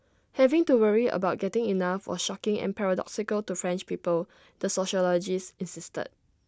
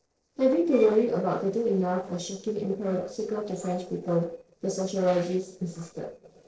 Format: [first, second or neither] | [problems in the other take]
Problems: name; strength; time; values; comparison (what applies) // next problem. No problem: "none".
first | noise reduction (neural separator model SepFormer DNS4)